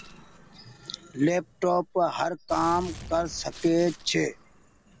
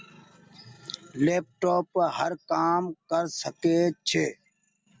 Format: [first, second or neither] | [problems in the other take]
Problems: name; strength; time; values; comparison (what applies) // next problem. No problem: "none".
second | background sound (Gunshot, gunfire); 18 dB below the speech